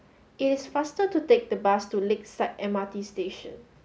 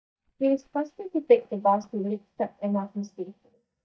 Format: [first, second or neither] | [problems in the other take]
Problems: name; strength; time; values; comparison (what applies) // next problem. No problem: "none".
first | noise reduction (neural mask model DeepFilterNet 3)